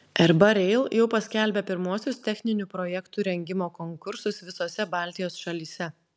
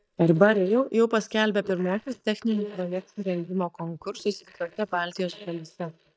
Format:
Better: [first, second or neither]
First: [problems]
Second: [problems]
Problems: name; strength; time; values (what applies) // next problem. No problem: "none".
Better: first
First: none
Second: noise reduction (neural mask model DeepFilterNet 3)